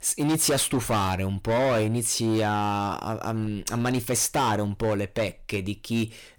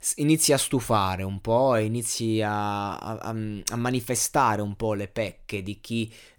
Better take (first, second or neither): second